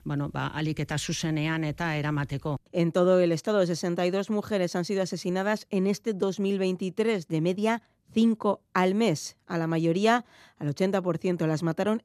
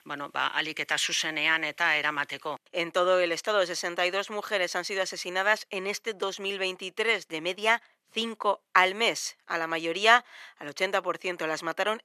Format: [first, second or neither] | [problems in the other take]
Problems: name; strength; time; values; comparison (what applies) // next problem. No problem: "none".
first | thin; very; fading below 650 Hz